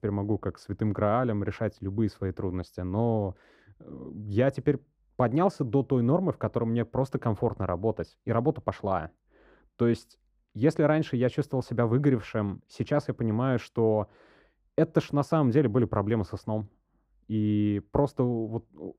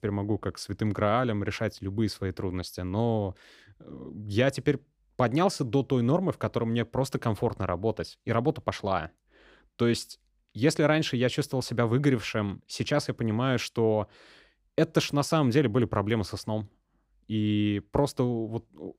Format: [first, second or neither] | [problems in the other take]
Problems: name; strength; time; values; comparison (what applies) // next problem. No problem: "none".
second | muffled; slightly; fading above 2 kHz